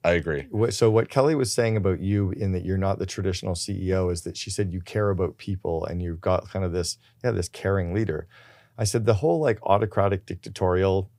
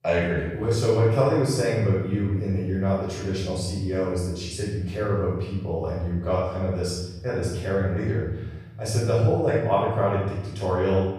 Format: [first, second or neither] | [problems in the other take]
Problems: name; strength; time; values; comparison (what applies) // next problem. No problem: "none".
first | off-mic speech; far // room echo; strong; dies away in 1.1 s